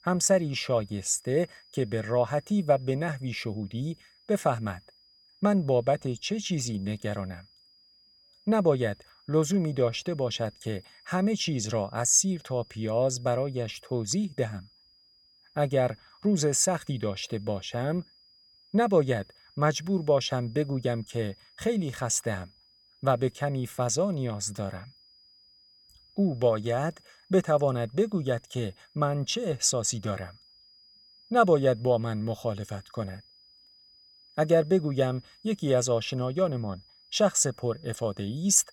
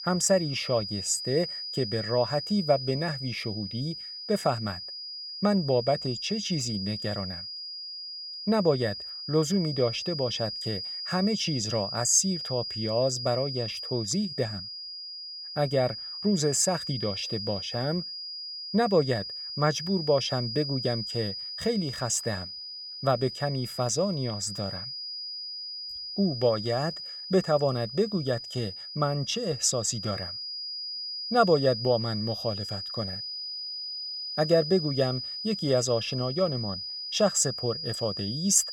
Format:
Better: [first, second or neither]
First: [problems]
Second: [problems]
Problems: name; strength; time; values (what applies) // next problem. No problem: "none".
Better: first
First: high-pitched whine; faint; throughout; 5 kHz, 30 dB below the speech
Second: high-pitched whine; loud; throughout; 5 kHz, 6 dB below the speech